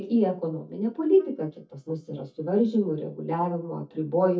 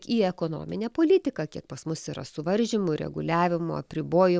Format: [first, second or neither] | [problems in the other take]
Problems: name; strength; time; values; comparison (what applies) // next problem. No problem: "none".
second | noise reduction (neural mask model DeepFilterNet 3)